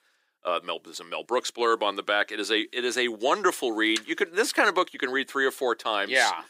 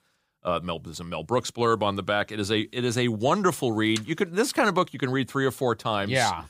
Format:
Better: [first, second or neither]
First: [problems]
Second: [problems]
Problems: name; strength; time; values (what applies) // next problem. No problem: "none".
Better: second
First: thin; somewhat; fading below 350 Hz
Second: none